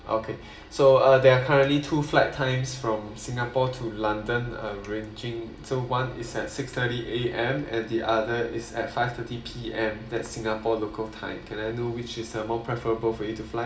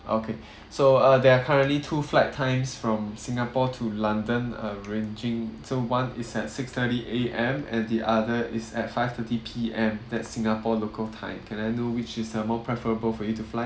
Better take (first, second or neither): second